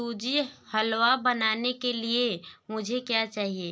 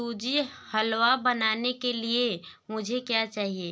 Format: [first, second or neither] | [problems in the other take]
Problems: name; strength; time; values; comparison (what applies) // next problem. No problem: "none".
second | noise reduction (neural mask model Resemble Enhance denoiser)